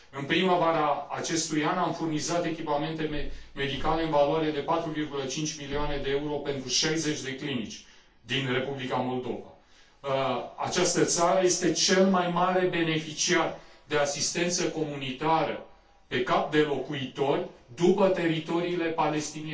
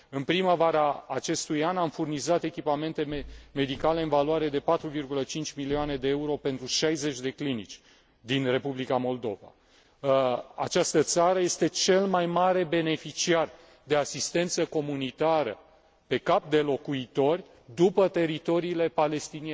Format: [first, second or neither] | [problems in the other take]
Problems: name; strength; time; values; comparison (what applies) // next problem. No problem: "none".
second | room echo; dies away in 0.3 s